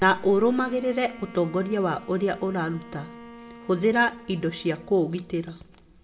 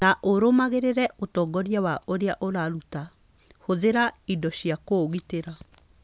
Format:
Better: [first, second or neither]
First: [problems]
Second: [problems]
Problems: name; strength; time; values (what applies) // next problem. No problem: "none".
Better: second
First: background sound (Bowed string instrument); 20 dB below the speech // room echo; dies away in 0.5 s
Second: none